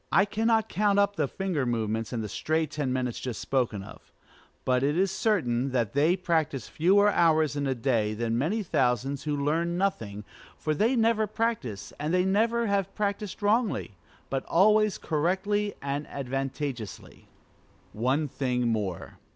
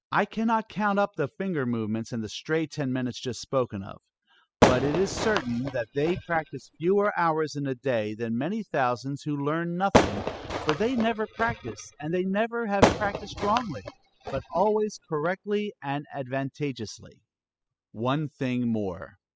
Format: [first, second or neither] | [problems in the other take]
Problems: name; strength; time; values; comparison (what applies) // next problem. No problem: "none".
first | noise reduction (classical method spectral subtraction)